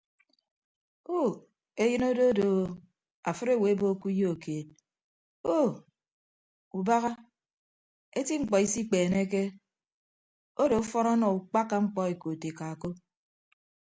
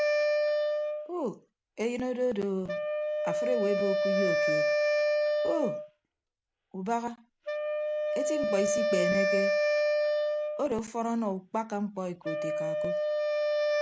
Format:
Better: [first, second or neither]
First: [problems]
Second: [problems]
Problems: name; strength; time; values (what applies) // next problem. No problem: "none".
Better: first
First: none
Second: background sound (Wind instrument, woodwind instrument); 5 dB above the speech